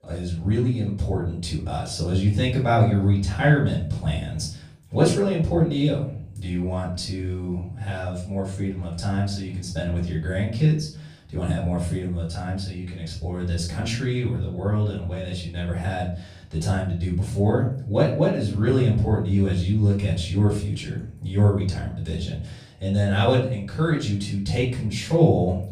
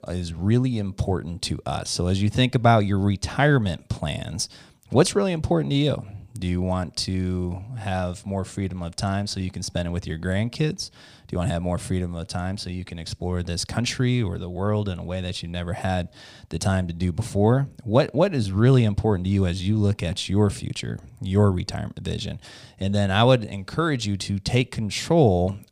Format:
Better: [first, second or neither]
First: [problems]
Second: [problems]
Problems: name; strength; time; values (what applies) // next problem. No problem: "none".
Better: second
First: off-mic speech; far // room echo; slight; dies away in 0.5 s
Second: none